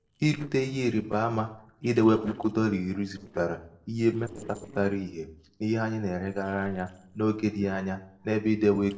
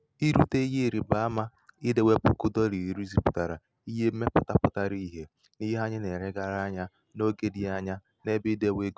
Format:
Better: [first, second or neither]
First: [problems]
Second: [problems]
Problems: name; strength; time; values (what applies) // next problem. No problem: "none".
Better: second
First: noise reduction (neural separator model SepFormer DNS4)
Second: none